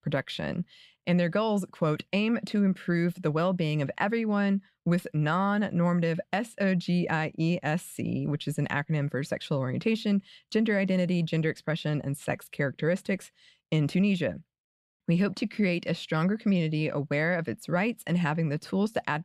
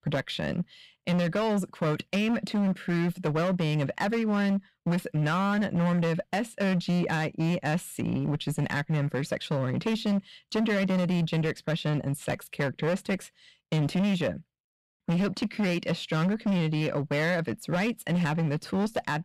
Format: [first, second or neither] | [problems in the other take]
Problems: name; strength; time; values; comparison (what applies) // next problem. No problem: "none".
first | distortion; slight; 18% of the sound clipped